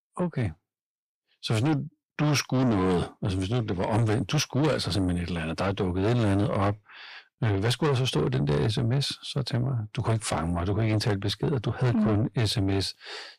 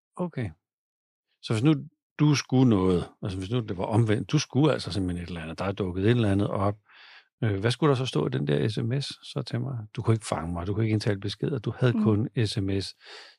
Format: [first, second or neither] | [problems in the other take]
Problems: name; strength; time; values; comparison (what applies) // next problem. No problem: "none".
second | distortion; heavy; 6 dB below the speech